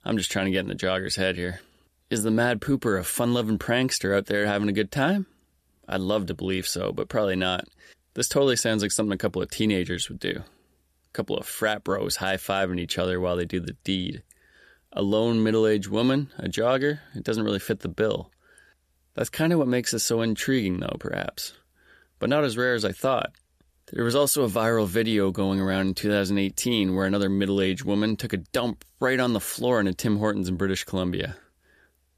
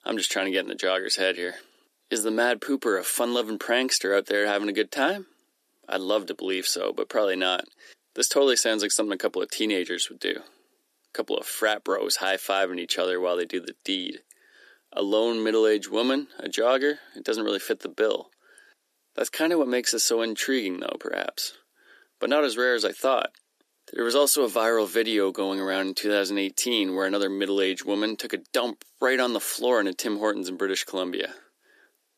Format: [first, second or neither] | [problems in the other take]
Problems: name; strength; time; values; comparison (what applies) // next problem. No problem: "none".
first | thin; somewhat; fading below 300 Hz